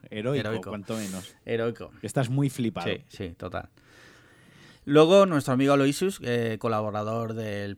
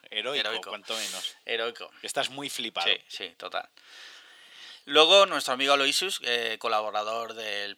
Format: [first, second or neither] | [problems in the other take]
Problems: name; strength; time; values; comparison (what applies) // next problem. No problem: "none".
first | thin; very; fading below 650 Hz